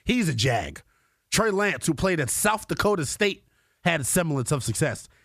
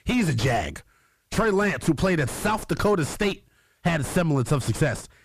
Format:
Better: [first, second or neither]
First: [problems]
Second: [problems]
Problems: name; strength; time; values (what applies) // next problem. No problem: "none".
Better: first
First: none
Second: distortion; heavy; 2 dB below the speech